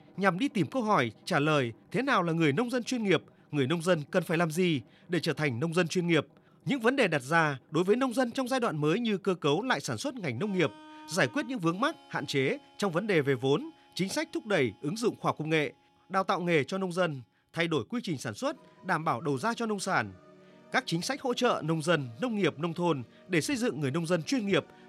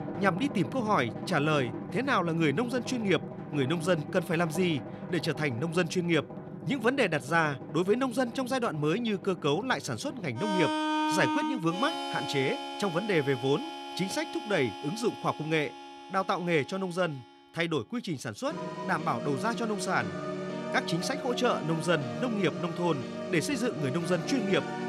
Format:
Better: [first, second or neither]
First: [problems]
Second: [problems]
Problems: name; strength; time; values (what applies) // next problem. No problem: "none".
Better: first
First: background music; faint; throughout; 30 dB below the speech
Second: background music; loud; throughout; 7 dB below the speech